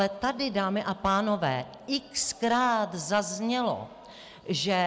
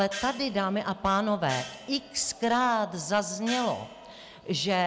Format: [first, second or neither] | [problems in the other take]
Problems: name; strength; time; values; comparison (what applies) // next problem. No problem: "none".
first | background sound (Gong); 15 dB below the speech